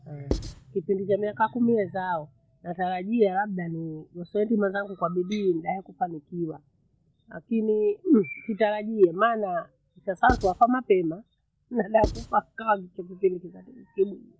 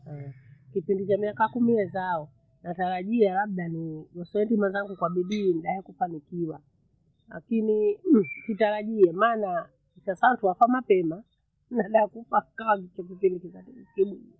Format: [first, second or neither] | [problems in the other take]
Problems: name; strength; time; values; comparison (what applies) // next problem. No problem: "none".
second | background sound (Writing); 6 dB below the speech